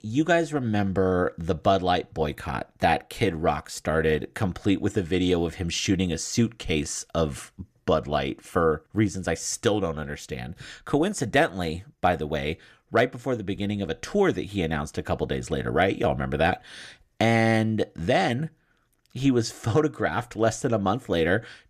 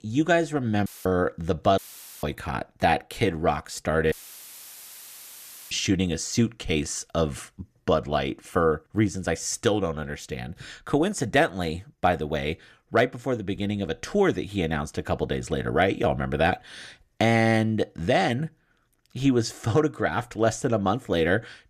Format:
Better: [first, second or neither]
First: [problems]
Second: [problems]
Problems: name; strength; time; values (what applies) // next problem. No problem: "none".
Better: first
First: none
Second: audio cutting out; filled with static; at 1 s, at 2 s and at 4 s for 1.5 s